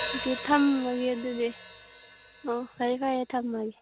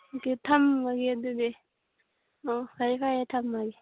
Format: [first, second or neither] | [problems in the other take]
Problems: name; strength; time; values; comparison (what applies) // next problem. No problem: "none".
second | background sound (Hi-hat); 12 dB below the speech